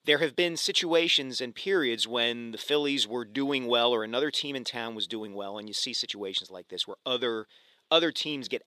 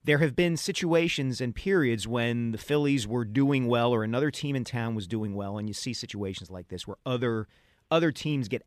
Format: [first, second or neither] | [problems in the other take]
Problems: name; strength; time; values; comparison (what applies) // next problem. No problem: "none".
second | thin; somewhat; fading below 400 Hz